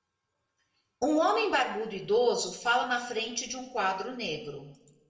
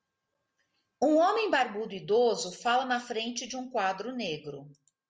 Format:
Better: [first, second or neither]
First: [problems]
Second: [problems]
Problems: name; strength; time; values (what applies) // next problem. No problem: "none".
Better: second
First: room echo; dies away in 0.7 s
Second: none